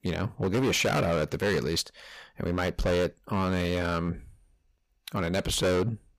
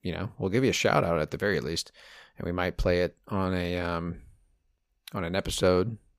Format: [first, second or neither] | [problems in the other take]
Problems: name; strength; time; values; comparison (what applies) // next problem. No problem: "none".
second | distortion; heavy; 12% of the sound clipped